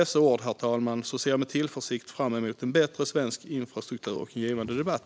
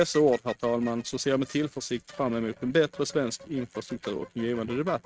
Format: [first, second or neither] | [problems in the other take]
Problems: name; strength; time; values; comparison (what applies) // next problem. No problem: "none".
first | noise reduction (neural mask model RNNoise)